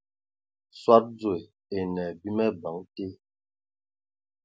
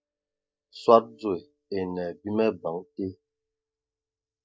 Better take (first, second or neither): first